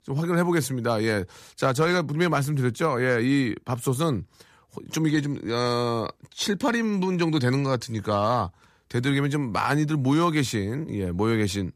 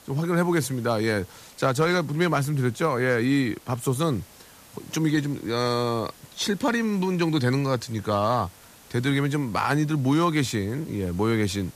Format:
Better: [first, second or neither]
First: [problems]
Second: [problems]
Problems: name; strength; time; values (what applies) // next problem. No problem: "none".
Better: first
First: none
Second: hiss; faint; throughout; 25 dB below the speech